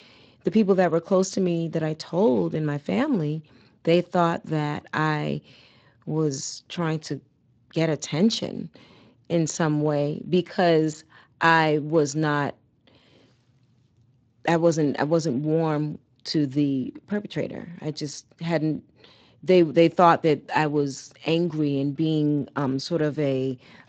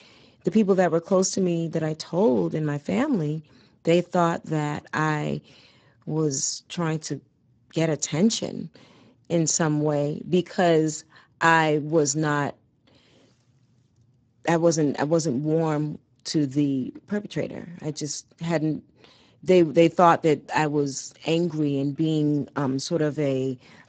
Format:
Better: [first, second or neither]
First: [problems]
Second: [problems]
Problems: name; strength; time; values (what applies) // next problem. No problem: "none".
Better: first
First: garbled, watery; slightly; nothing above 7.5 kHz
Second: garbled, watery; badly; nothing above 7.5 kHz